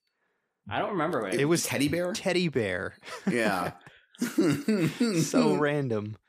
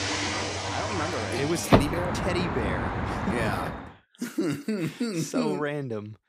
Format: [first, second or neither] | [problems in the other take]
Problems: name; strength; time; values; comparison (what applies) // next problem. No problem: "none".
first | traffic noise; very loud; until 3.5 s; 2 dB above the speech